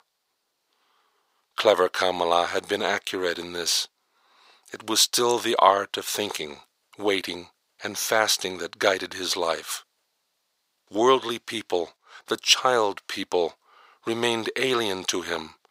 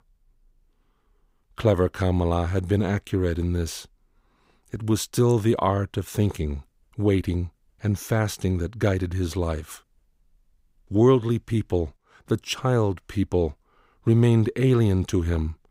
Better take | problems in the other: second | thin; very; fading below 700 Hz

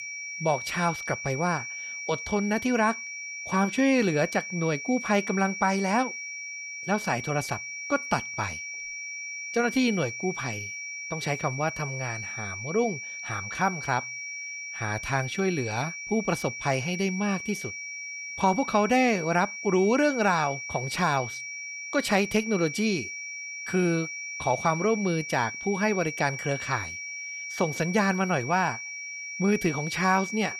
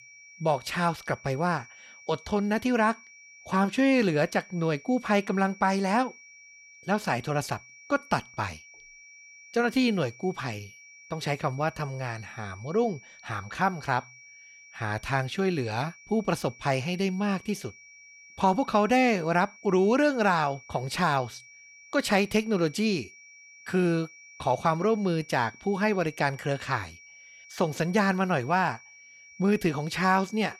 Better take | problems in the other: second | high-pitched whine; loud; throughout; 2.5 kHz, 7 dB below the speech; faint in the second

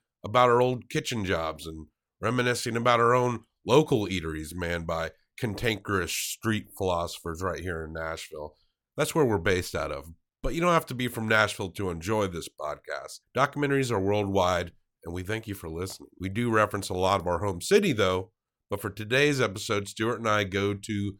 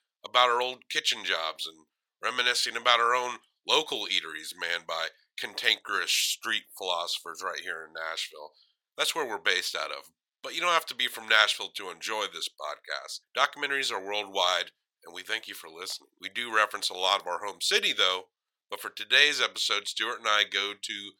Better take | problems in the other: first | thin; very; fading below 700 Hz

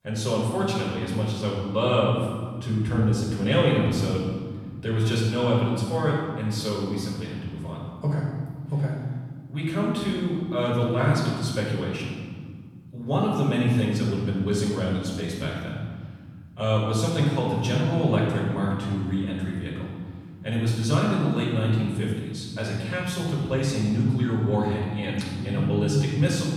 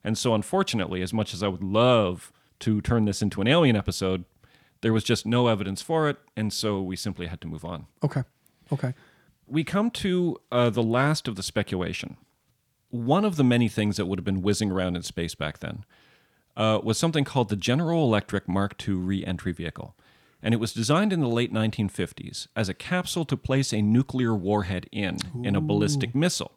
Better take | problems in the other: second | off-mic speech; far // room echo; strong; dies away in 1.7 s

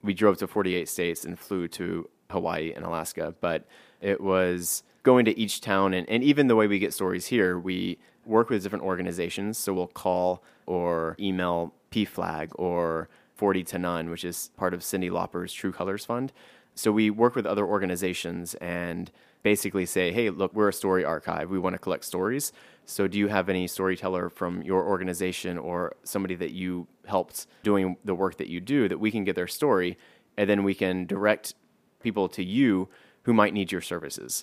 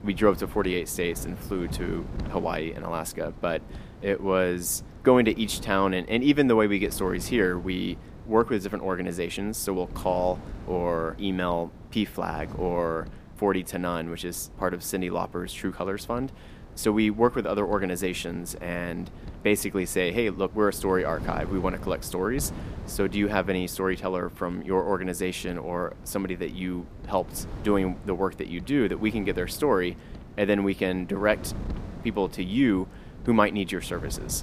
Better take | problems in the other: first | wind noise on the microphone; occasional gusts; 20 dB below the speech

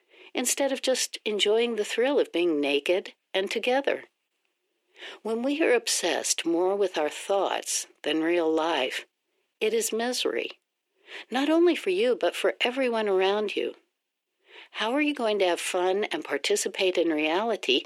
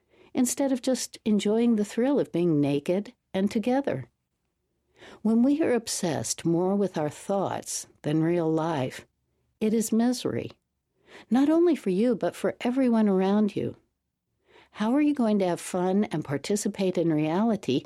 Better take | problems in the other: second | thin; somewhat; fading below 350 Hz

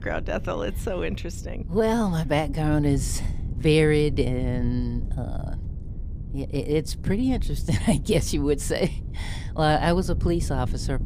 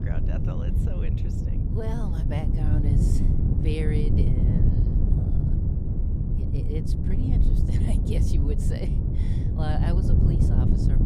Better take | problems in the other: first | wind noise on the microphone; heavy; 2 dB above the speech; occasional gusts in the first

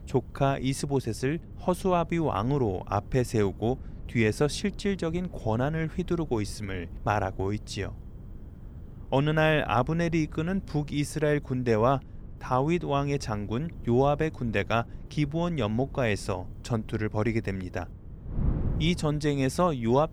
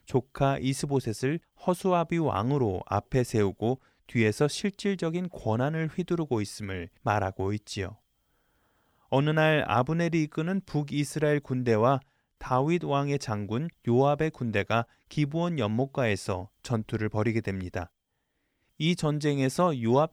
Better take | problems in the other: second | wind noise on the microphone; occasional gusts; 25 dB below the speech

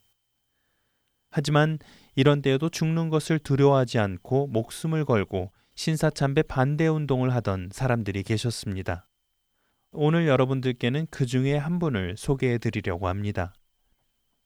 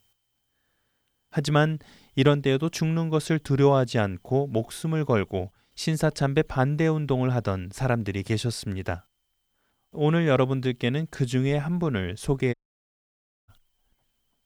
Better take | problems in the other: first | audio cutting out; at 13 s for 1 s

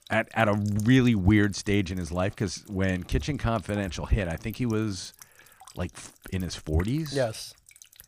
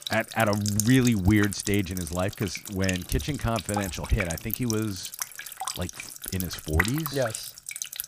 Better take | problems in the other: first | household noises; loud; throughout; 6 dB below the speech; faint in the first

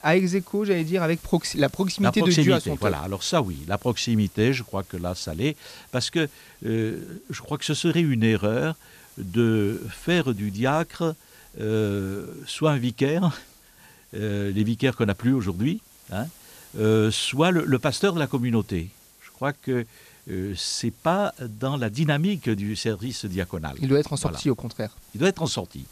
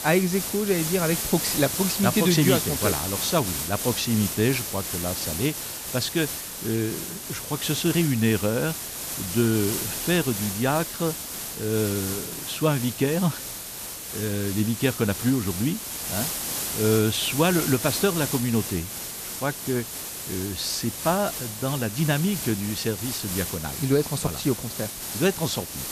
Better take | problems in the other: first | hiss; loud; throughout; 4 dB below the speech; faint in the first

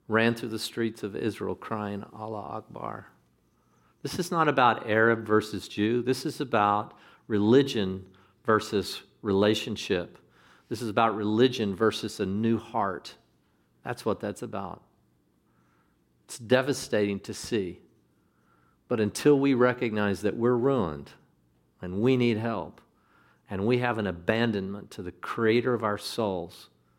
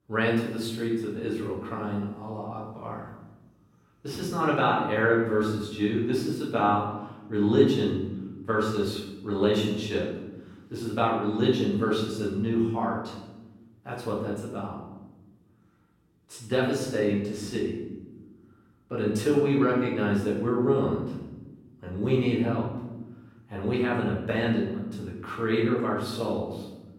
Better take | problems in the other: first | room echo; noticeable; dies away in 1.1 s // off-mic speech; far

